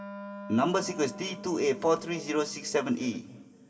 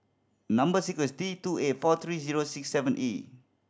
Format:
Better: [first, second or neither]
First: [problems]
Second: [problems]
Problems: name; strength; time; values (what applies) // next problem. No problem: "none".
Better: second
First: background sound (Wind instrument, woodwind instrument); 14 dB below the speech // room echo; dies away in 2.5 s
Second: none